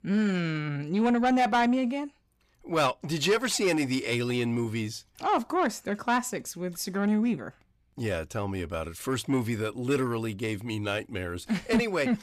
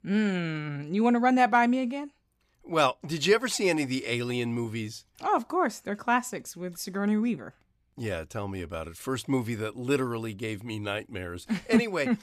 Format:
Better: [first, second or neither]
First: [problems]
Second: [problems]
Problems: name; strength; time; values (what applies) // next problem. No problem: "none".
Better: second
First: distortion; slight; 10 dB below the speech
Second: none